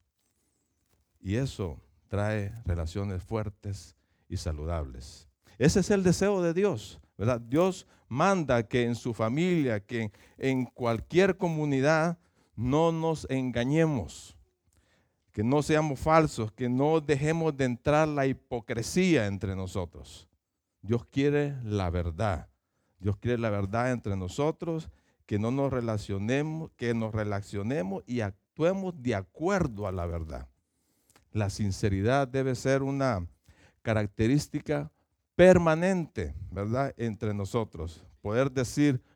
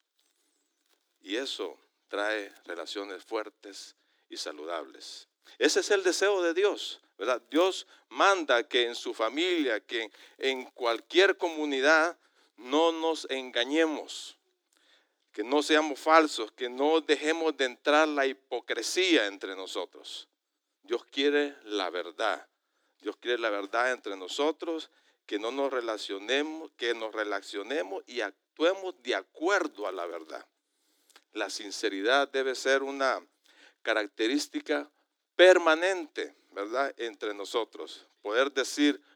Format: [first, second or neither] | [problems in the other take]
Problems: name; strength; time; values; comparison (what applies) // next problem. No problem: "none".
first | thin; somewhat; fading below 300 Hz